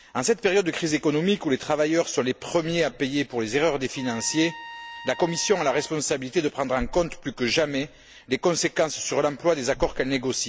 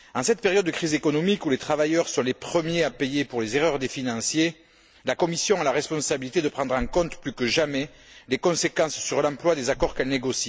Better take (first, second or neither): second